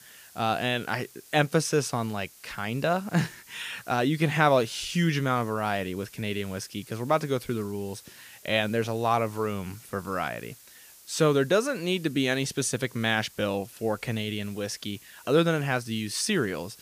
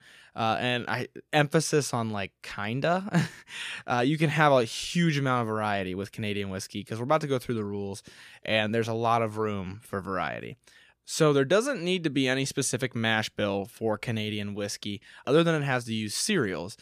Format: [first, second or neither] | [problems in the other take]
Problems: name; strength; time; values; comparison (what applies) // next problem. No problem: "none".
second | hiss; faint; throughout; 20 dB below the speech